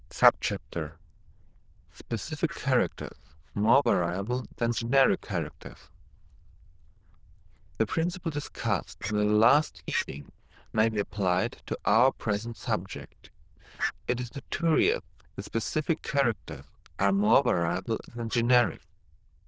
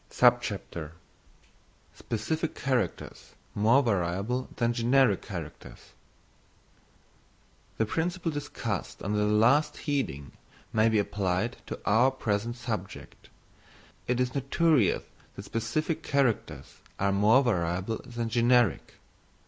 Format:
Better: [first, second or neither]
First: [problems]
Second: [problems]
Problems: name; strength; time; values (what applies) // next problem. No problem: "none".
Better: second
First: noise reduction (neural diffusion model UNIVERSE++)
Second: none